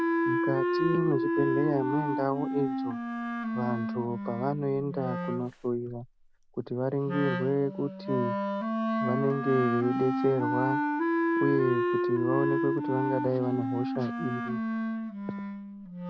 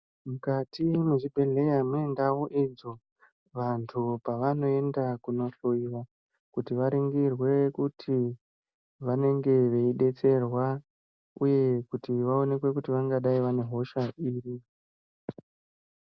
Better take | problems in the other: second | background sound (Wind instrument, woodwind instrument); 1 dB above the speech

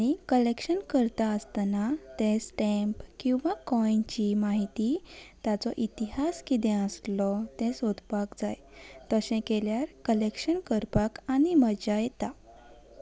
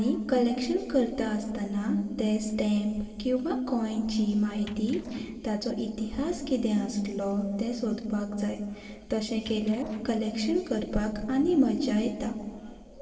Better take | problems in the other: first | noise reduction (neural separator model SepFormer DNS4)

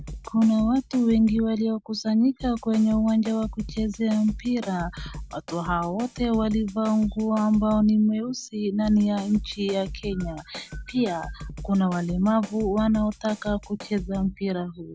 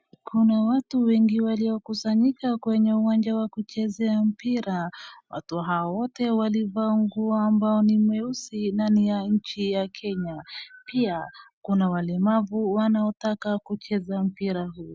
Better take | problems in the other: second | background sound (Drum kit); 15 dB below the speech

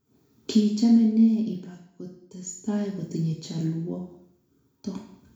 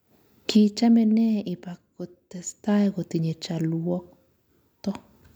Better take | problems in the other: second | room echo; dies away in 0.6 s

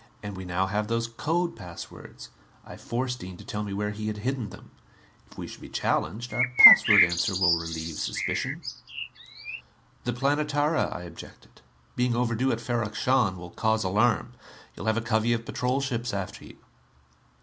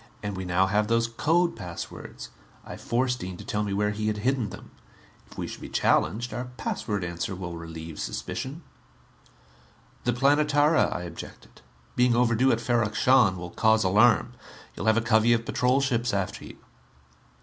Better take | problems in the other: second | background sound (Bird); 4 dB above the speech

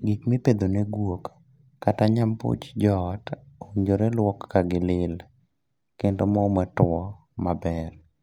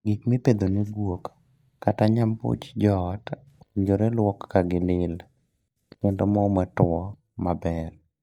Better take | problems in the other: first | noise reduction (neural mask model DeepFilterNet 3)

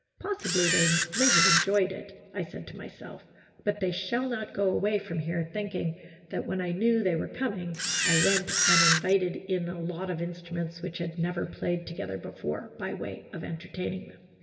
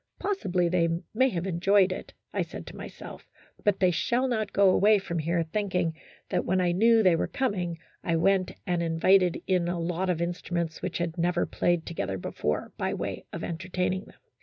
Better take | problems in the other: second | background sound (Camera); 5 dB above the speech // room echo; dies away in 1.5 s

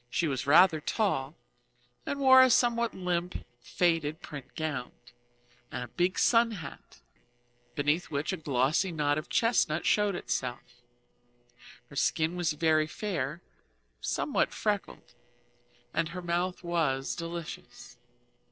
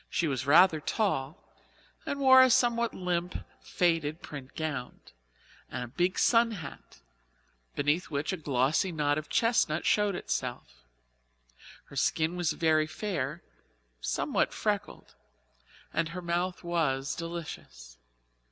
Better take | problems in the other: second | noise reduction (neural separator model SepFormer DNS4)

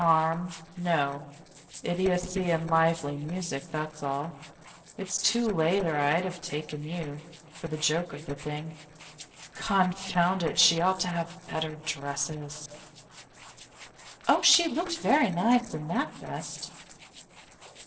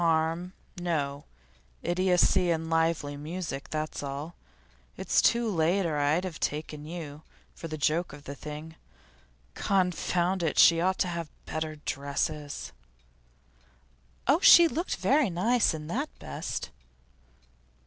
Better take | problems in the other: second | noise reduction (neural separator model SepFormer DNS4)

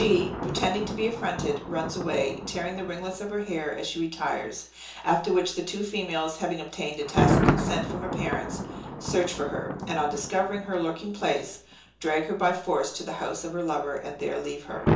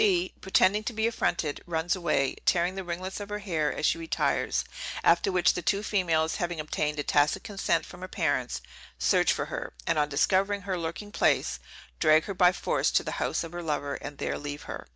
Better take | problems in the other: second | background sound (Thunder); 3 dB below the speech // room echo; dies away in 0.6 s

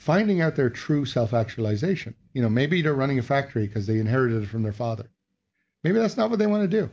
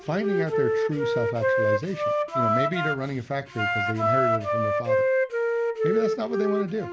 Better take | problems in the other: first | background sound (Wind instrument, woodwind instrument); 5 dB above the speech

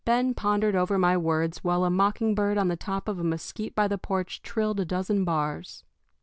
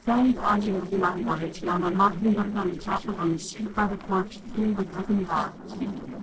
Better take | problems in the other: first | noise reduction (neural separator model SepFormer DNS4)

